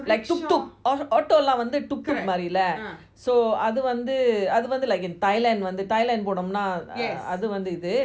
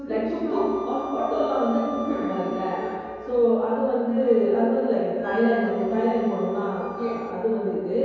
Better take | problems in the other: first | background sound (Wind instrument, woodwind instrument); 17 dB below the speech // room echo; dies away in 2.2 s

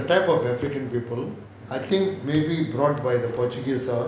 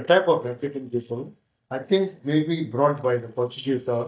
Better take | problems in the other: first | noise reduction (neural mask model DeepFilterNet 3)

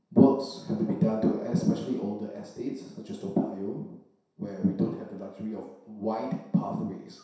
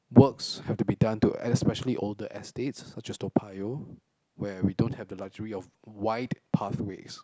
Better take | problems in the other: second | room echo; dies away in 0.7 s

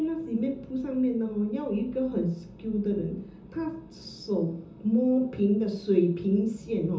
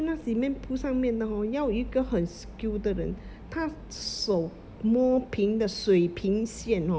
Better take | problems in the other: second | room echo; dies away in 0.6 s

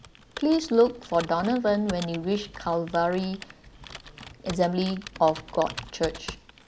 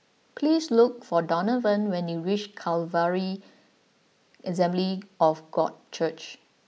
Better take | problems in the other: second | background sound (Computer keyboard); 15 dB below the speech

